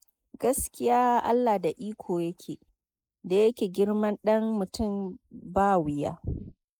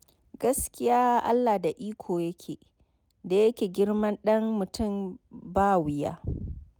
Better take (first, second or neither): second